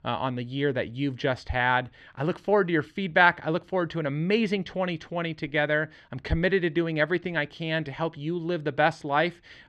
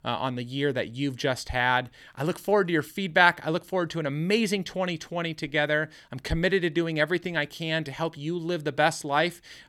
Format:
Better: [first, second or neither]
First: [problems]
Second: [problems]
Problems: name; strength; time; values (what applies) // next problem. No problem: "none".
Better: second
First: muffled; slightly; fading above 3 kHz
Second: none